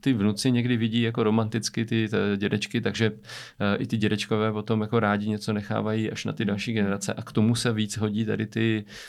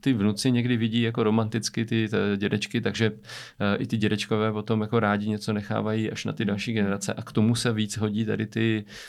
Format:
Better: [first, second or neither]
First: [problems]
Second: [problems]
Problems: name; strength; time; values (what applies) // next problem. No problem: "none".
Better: neither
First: none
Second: none